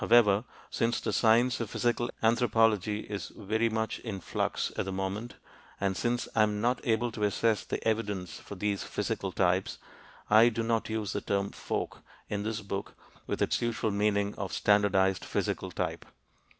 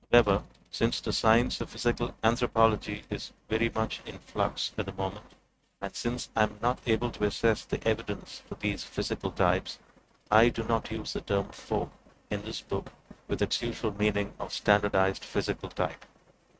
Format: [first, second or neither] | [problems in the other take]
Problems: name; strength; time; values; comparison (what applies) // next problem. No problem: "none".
first | noise reduction (neural mask model RNNoise)